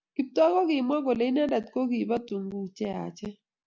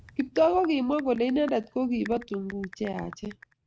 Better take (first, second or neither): first